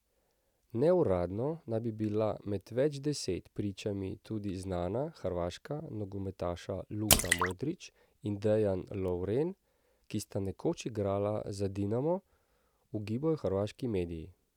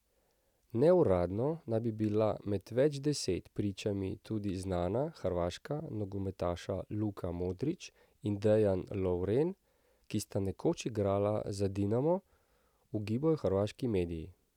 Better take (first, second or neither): second